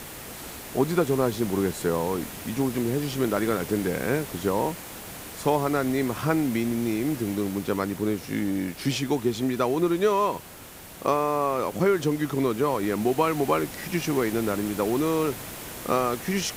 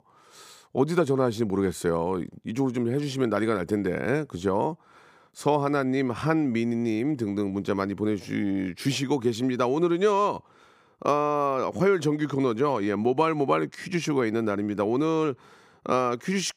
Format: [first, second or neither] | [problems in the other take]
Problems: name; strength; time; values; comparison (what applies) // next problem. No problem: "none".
second | hiss; noticeable; throughout; 10 dB below the speech